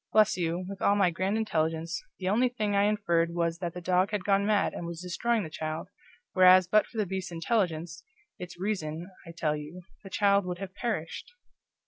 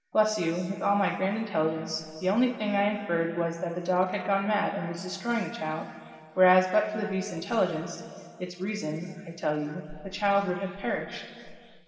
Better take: first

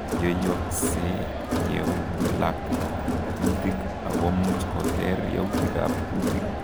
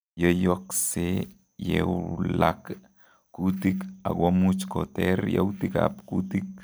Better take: second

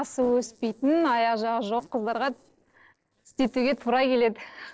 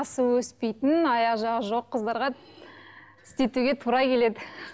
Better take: second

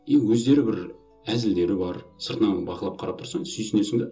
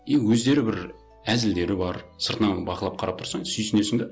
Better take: second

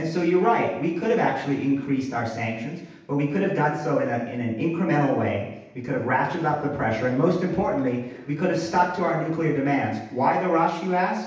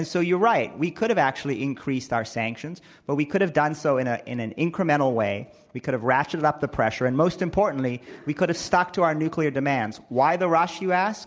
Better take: second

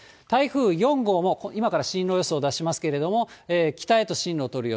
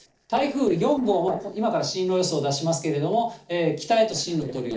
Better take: first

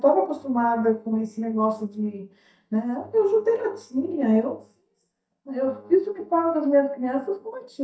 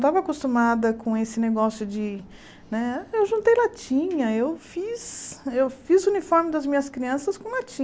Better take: second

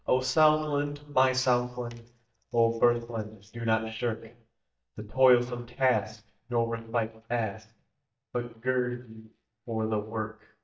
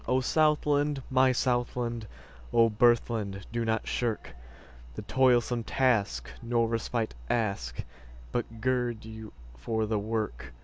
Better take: second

